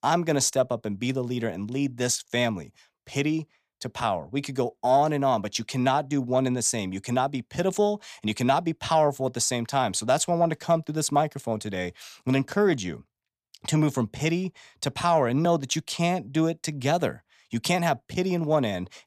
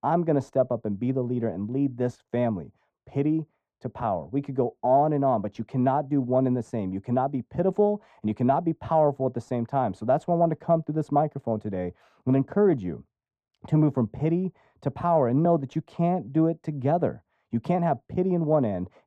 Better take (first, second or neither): first